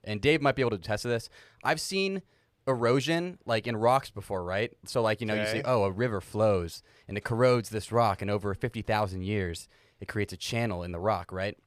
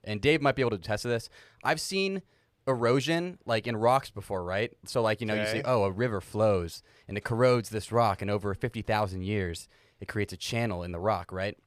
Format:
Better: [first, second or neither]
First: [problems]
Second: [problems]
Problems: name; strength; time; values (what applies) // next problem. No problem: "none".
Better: neither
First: none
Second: none